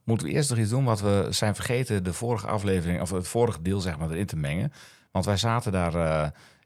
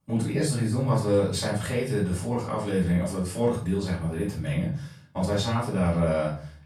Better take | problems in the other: first | off-mic speech; far // room echo; noticeable; dies away in 0.4 s

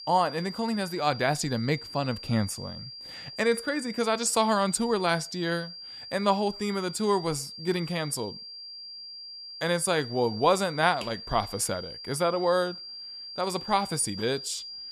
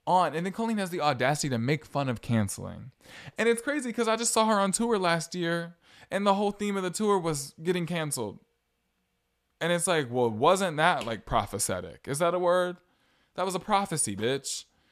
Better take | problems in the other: second | high-pitched whine; noticeable; throughout; 4.5 kHz, 10 dB below the speech

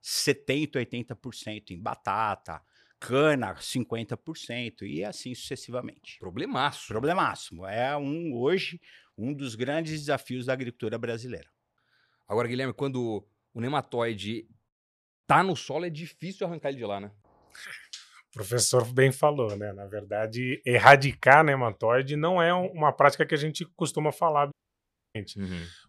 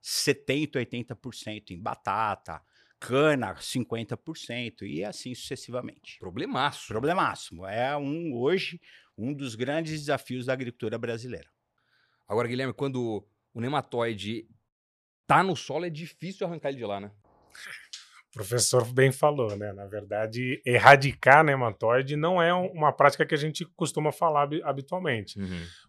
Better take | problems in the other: second | audio cutting out; at 25 s for 0.5 s

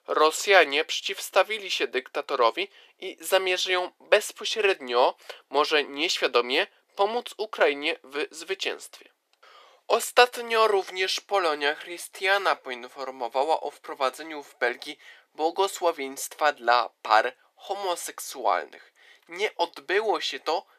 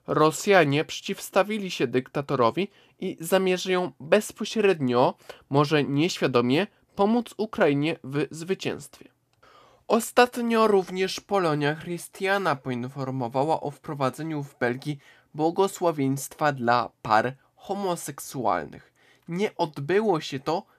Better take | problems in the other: second | thin; very; fading below 400 Hz

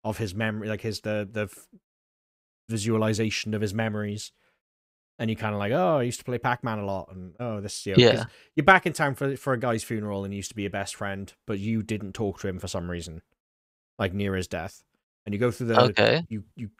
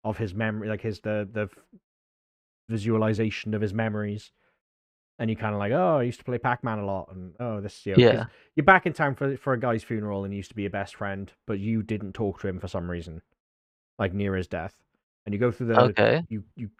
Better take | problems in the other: first | muffled; slightly; fading above 4 kHz

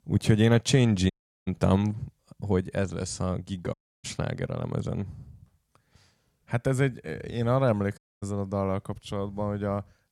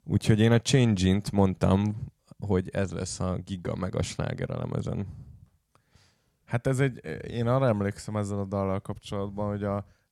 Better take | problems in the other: second | audio cutting out; at 1 s, at 3.5 s and at 8 s

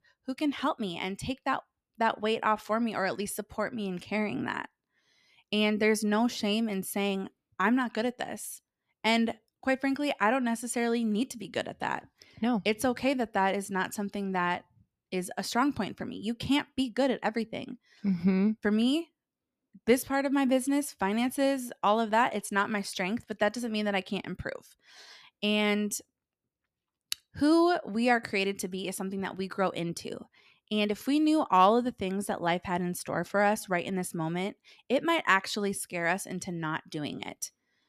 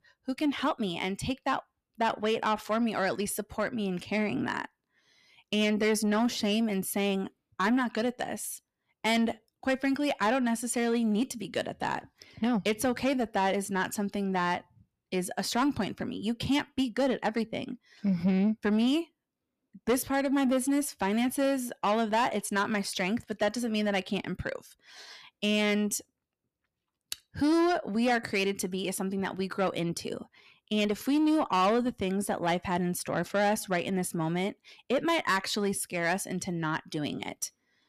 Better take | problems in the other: first | distortion; slight; 10 dB below the speech

